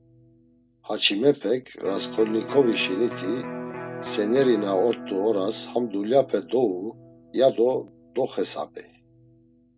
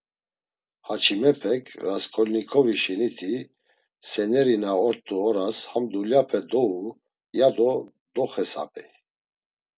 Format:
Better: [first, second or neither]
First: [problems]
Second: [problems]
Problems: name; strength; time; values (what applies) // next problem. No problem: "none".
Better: second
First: background sound (Electric guitar); 13 dB below the speech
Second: none